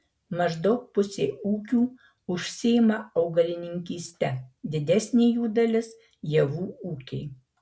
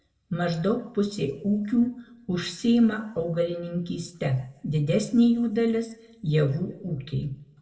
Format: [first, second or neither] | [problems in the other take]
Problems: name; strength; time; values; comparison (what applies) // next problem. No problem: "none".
first | room echo; dies away in 0.7 s